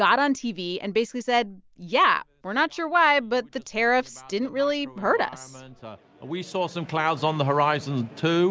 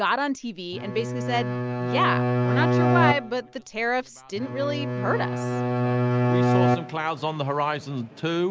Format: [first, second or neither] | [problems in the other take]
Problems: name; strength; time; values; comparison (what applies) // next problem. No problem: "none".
first | background sound (Bowed string instrument); 4 dB above the speech